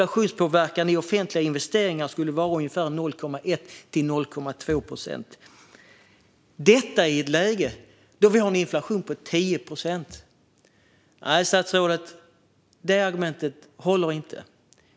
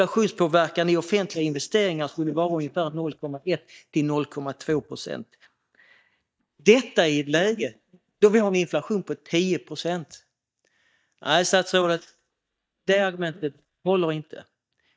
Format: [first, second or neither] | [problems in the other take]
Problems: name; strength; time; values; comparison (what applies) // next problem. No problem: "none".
first | noise reduction (neural mask model DeepFilterNet 3)